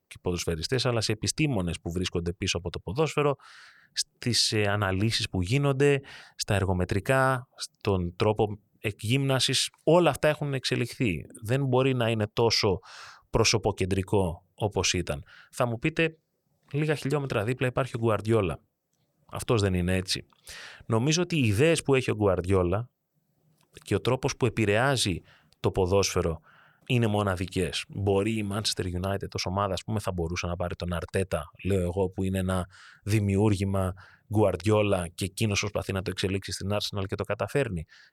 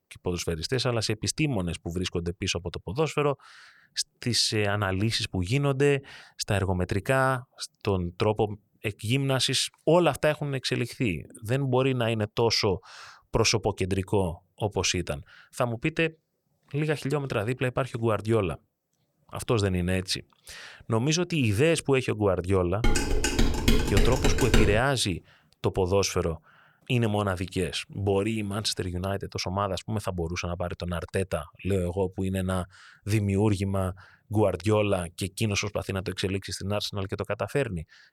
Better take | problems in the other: first | clattering dishes; loud; from 23 to 25 s; peak 3 dB above the speech

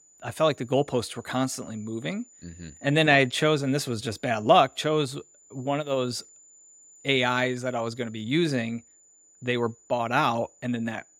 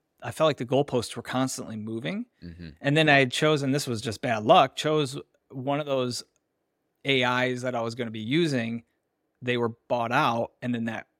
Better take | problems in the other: second | high-pitched whine; faint; throughout; 7 kHz, 25 dB below the speech

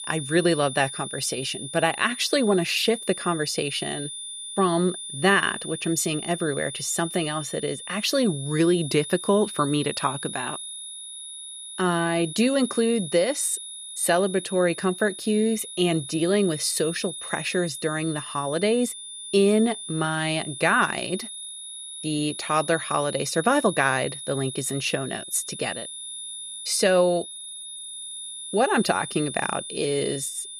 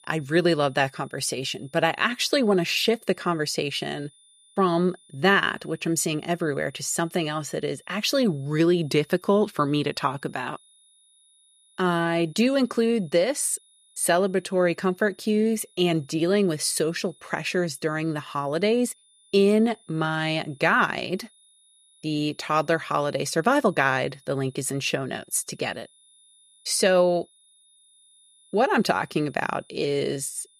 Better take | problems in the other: second | high-pitched whine; loud; throughout; 10 kHz, 9 dB below the speech; faint in the second

